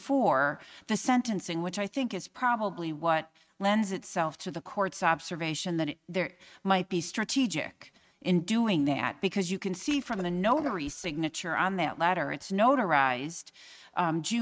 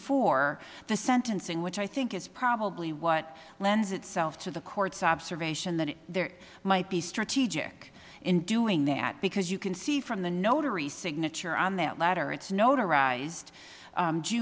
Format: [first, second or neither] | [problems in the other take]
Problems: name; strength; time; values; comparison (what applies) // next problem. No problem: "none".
second | noise reduction (neural mask model RNNoise)